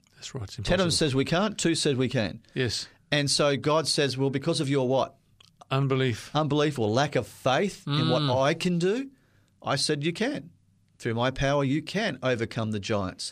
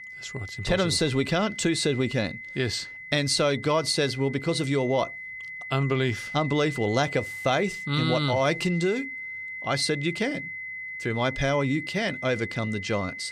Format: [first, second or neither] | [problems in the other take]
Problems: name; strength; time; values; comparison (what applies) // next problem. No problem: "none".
first | high-pitched whine; loud; throughout; 2 kHz, 9 dB below the speech